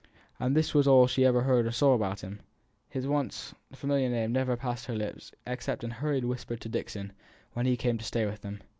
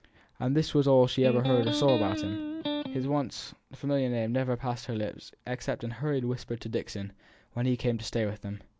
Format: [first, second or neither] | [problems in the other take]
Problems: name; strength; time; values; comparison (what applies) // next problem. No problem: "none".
first | background sound (Electric guitar); 3 dB below the speech